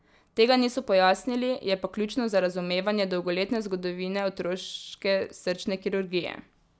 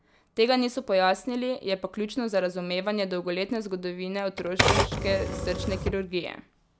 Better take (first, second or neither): first